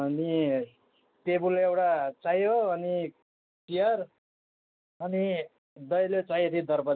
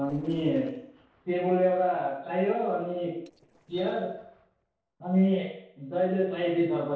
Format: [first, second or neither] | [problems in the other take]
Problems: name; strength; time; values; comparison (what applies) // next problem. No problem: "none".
first | noise reduction (neural separator model SepFormer DNS4)